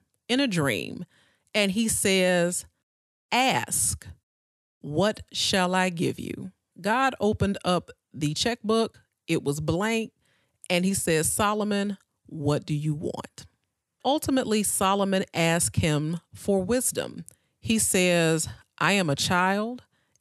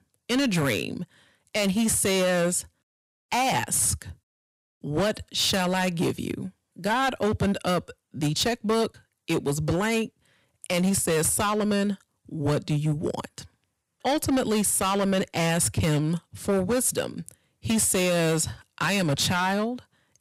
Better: first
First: none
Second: distortion; heavy; 11% of the sound clipped

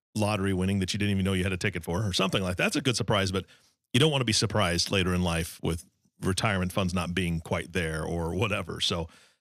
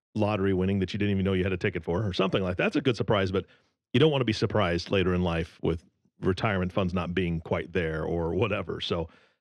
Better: first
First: none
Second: muffled; slightly; fading above 3 kHz

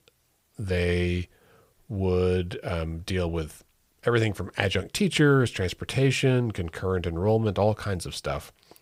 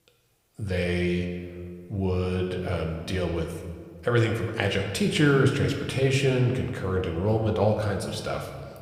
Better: first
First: none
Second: room echo; slight; dies away in 1.4 s

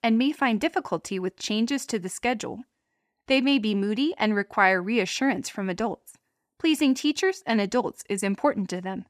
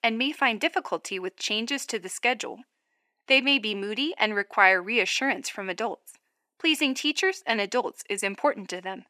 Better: first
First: none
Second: thin; somewhat; fading below 400 Hz

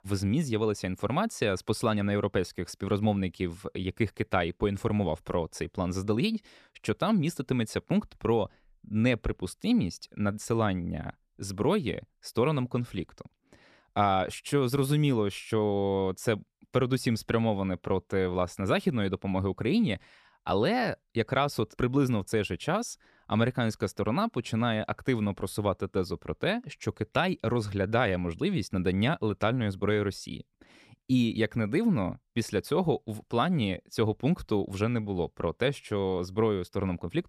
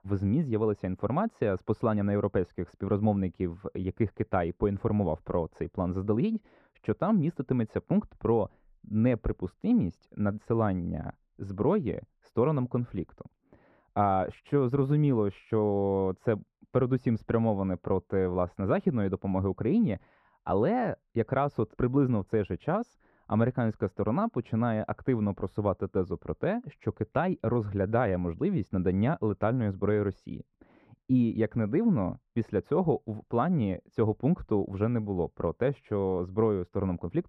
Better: first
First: none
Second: muffled; very; fading above 3 kHz

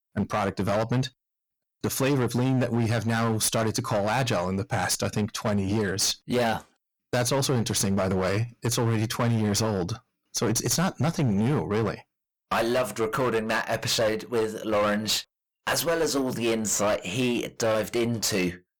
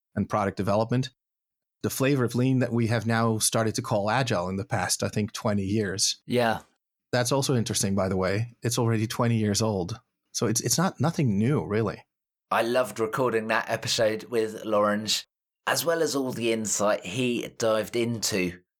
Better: second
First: distortion; slight; 17% of the sound clipped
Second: none

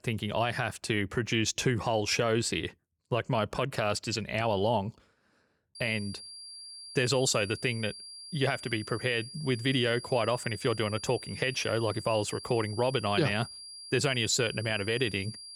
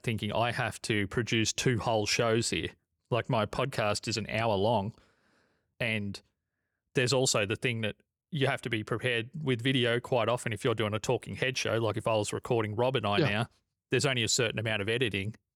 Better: second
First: high-pitched whine; noticeable; from 6 s on; 4.5 kHz, 15 dB below the speech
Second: none

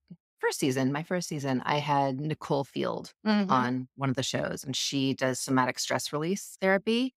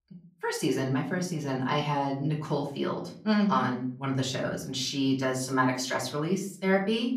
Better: first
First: none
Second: off-mic speech; far // room echo; slight; dies away in 0.4 s

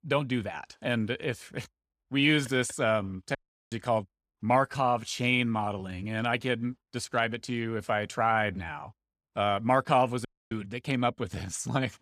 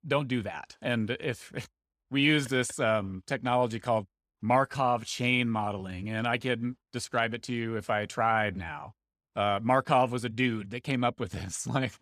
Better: second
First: audio cutting out; at 3.5 s and at 10 s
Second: none

